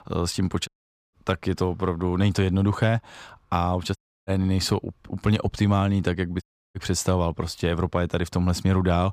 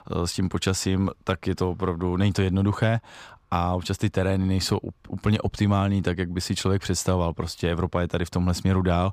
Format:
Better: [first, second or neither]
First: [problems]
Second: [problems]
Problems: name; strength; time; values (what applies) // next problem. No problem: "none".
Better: second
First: audio cutting out; at 0.5 s, at 4 s and at 6.5 s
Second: none